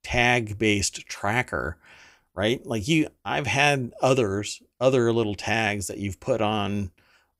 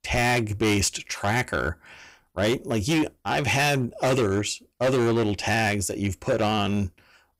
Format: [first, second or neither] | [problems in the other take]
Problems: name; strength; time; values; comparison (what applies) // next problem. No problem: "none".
first | distortion; heavy; 13% of the sound clipped